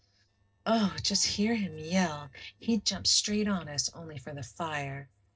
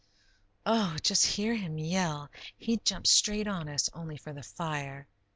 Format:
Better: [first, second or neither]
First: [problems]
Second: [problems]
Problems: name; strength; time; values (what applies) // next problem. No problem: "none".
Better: second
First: noise reduction (neural separator model SepFormer DNS4)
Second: none